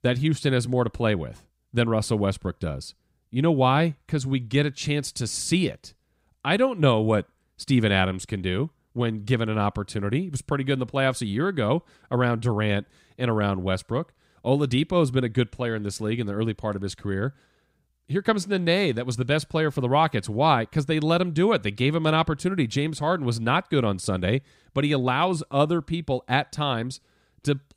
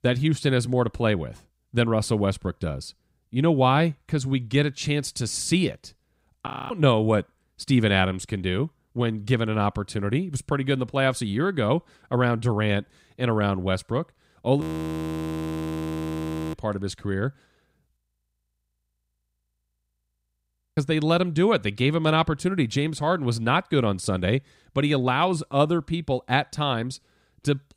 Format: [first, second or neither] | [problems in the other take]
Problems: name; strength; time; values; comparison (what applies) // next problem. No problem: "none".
first | audio freezing; at 6.5 s, at 15 s for 2 s and at 18 s for 3 s